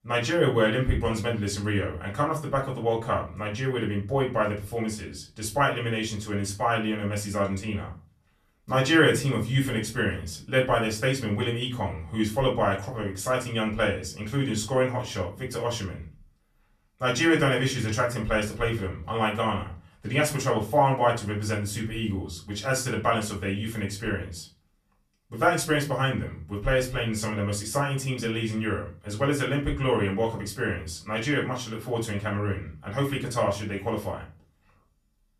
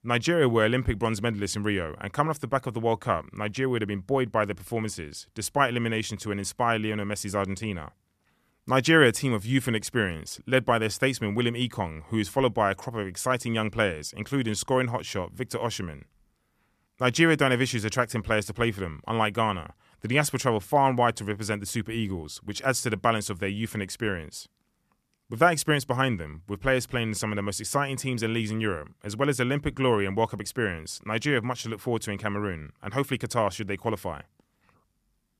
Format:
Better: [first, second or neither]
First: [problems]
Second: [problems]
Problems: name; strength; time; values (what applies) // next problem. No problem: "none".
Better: second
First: off-mic speech; far // room echo; very slight; dies away in 0.3 s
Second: none